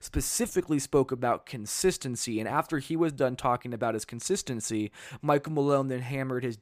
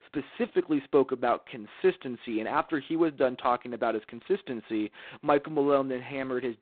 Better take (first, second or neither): first